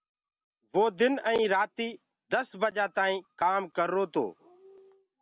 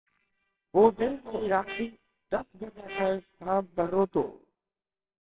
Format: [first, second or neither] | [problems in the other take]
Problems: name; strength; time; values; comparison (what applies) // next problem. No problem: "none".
first | noise reduction (neural separator model SepFormer WHAMR!)